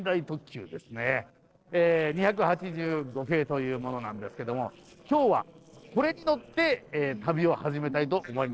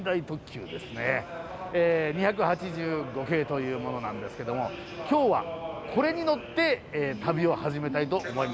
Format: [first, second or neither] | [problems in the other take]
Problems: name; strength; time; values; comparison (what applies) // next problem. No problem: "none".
second | noise reduction (neural separator model SepFormer DNS4)